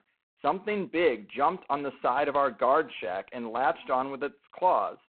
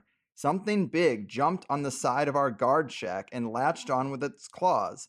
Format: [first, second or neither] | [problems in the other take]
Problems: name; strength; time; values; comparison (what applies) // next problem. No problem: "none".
second | phone-call audio; poor line; nothing above 4 kHz